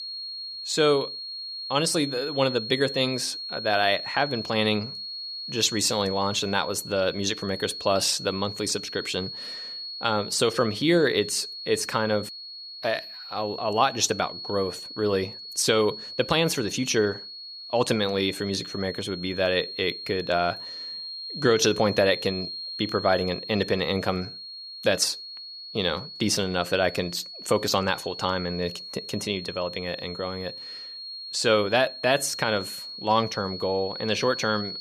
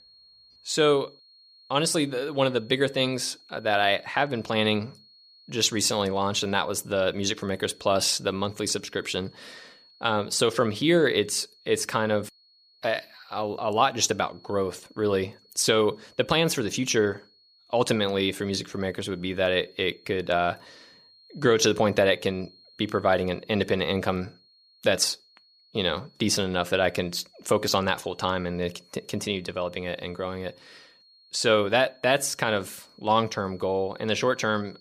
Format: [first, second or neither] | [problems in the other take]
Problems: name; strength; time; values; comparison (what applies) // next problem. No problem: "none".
second | high-pitched whine; loud; throughout; 4.5 kHz, 9 dB below the speech; faint in the second